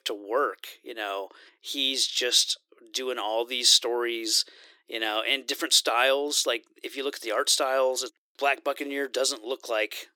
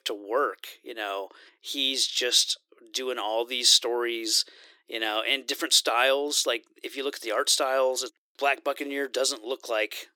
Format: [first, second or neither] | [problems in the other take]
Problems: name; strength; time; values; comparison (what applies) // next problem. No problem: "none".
neither | thin; very; fading below 300 Hz; the same in both